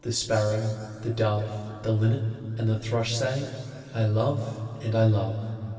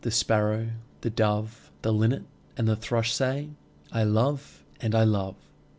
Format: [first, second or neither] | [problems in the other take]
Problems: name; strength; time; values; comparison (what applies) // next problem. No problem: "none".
second | room echo; dies away in 2.5 s